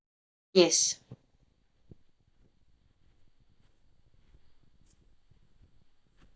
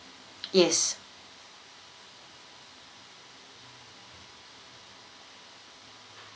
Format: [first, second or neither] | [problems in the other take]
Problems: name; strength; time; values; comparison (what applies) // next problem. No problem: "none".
second | noise reduction (neural mask model DeepFilterNet 3)